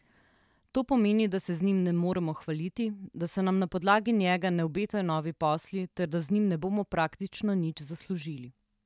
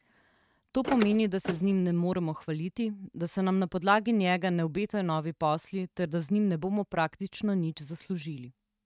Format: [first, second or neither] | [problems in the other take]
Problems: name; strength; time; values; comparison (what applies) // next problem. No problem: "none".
first | noise reduction (neural mask model RNNoise)